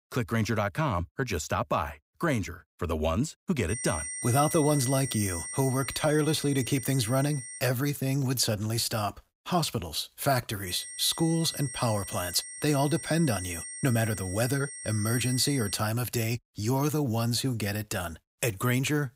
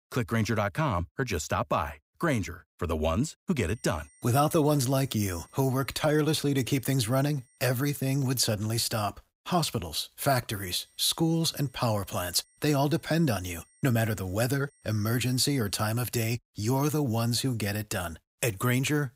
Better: second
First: high-pitched whine; loud; from 3.5 to 7.5 s and from 11 to 16 s; 8.5 kHz, 8 dB below the speech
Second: high-pitched whine; faint; from 3.5 to 7.5 s and from 11 to 16 s; 8.5 kHz, 30 dB below the speech

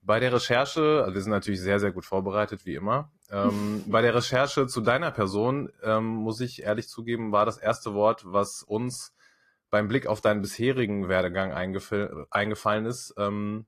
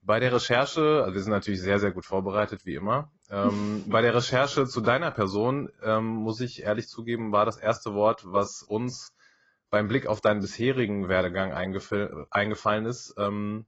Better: first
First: garbled, watery; slightly; nothing above 14.5 kHz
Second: garbled, watery; badly; nothing above 7.5 kHz

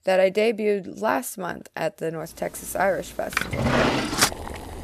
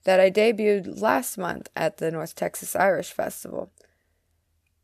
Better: second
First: household noises; very loud; from 2.5 s on; 2 dB above the speech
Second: none

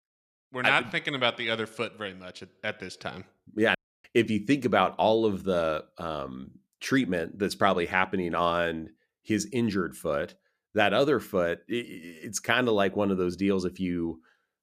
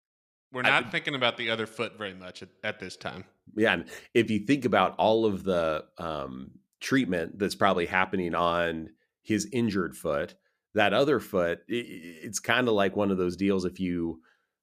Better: second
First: audio cutting out; at 4 s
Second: none

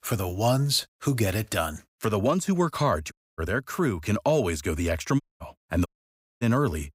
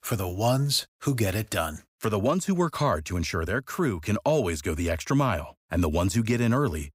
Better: second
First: audio cutting out; at 3 s, at 5 s and at 6 s for 0.5 s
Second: none

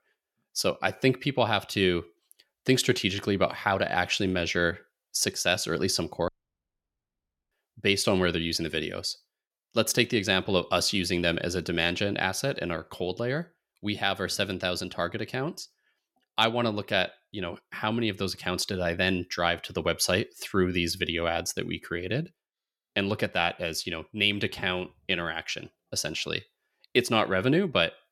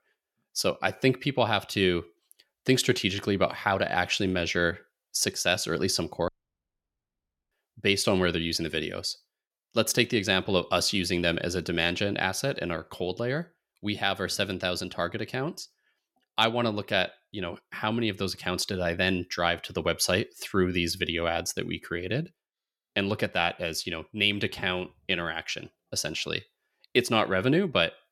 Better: neither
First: audio cutting out; at 6.5 s for 1 s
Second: audio cutting out; at 6.5 s for 1 s

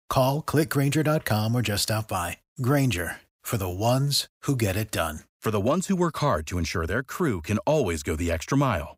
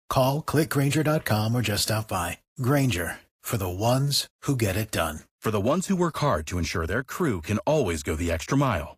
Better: first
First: none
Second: garbled, watery; slightly; nothing above 15 kHz

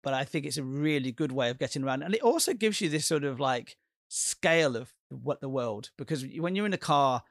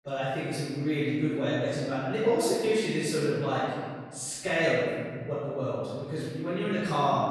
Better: first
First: none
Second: off-mic speech; far // room echo; strong; dies away in 1.9 s

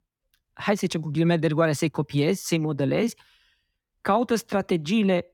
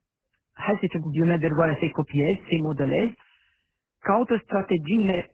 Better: first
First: none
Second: garbled, watery; badly; nothing above 3 kHz

